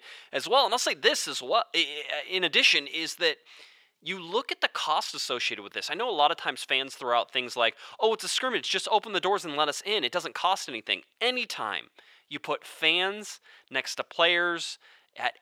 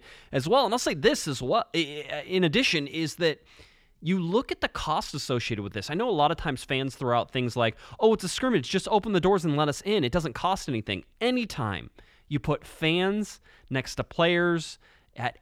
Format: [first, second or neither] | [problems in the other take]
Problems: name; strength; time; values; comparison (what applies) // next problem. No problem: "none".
second | thin; very; fading below 550 Hz